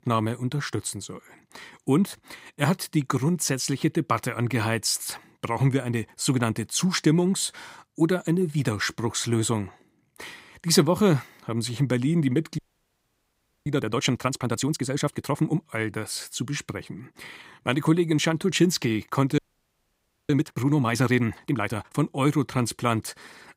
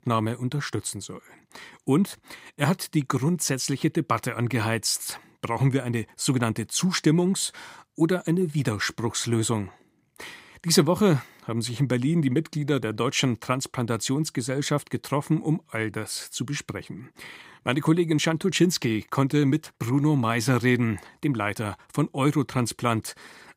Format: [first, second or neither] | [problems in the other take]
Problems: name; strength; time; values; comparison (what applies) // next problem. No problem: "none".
second | audio freezing; at 13 s for 1 s and at 19 s for 1 s